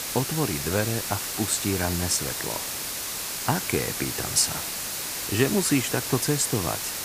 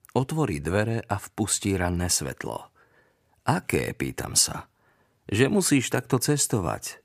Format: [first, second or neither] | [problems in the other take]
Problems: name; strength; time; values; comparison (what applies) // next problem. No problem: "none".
second | hiss; loud; throughout; 2 dB below the speech